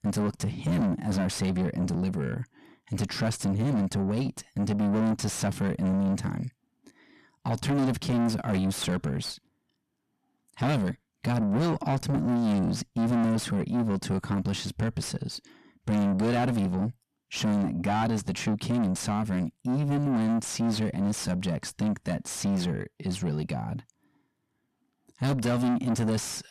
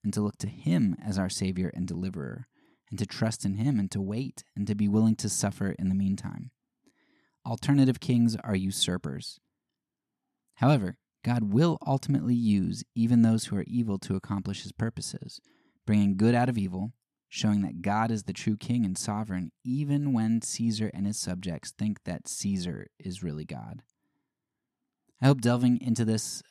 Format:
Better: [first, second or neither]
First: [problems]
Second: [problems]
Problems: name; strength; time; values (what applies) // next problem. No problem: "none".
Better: second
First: distortion; heavy; 6 dB below the speech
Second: none